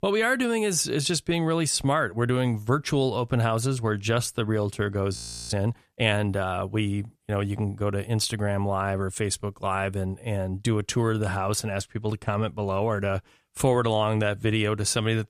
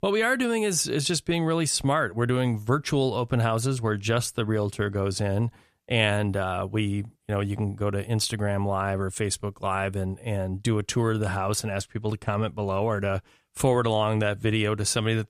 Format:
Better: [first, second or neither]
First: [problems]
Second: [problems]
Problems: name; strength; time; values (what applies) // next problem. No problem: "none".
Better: second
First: audio freezing; at 5 s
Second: none